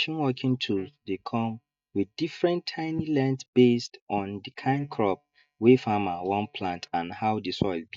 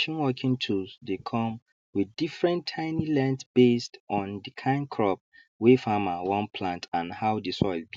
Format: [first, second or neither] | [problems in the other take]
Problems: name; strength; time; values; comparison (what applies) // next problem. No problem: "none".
second | noise reduction (neural mask model DeepFilterNet 3)